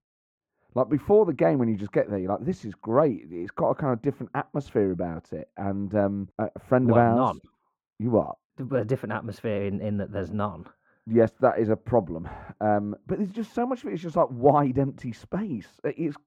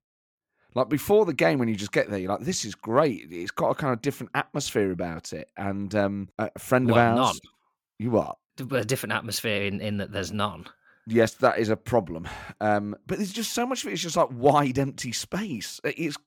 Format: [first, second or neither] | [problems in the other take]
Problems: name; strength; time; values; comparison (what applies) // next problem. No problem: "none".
second | muffled; very; fading above 2 kHz